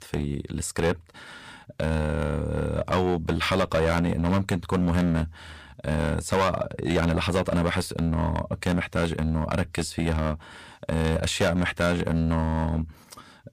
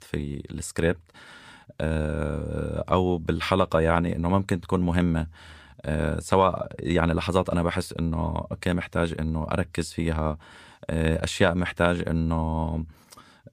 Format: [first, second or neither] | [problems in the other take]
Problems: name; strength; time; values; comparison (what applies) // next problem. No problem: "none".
second | distortion; heavy; 8% of the sound clipped